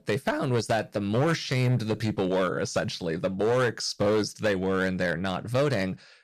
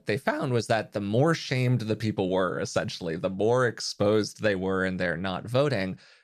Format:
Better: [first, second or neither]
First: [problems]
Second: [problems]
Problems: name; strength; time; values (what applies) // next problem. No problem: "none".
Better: second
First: distortion; slight; 8% of the sound clipped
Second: none